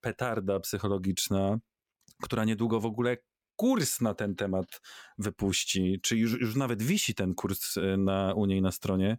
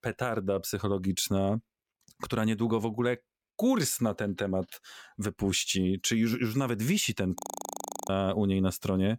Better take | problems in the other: first | audio freezing; at 7.5 s for 0.5 s

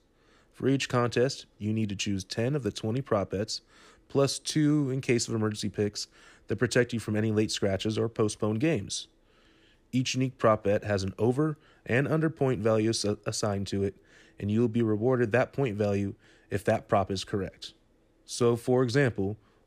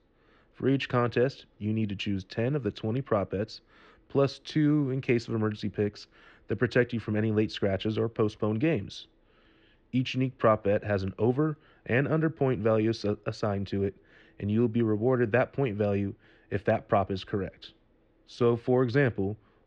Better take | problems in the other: first | muffled; slightly; fading above 3.5 kHz

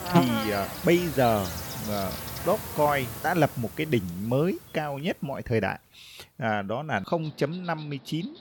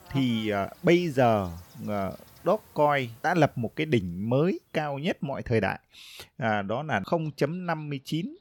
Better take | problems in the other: second | animal sounds; loud; throughout; 6 dB below the speech; faint in the second

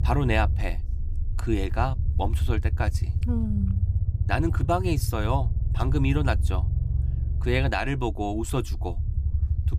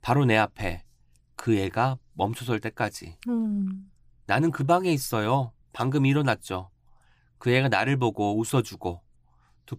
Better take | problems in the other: second | low rumble; noticeable; throughout; 15 dB below the speech

